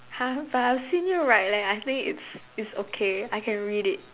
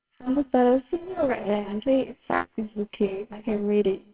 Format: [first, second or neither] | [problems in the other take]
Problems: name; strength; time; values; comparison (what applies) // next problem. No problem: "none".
first | noise reduction (neural separator model SepFormer WHAMR!)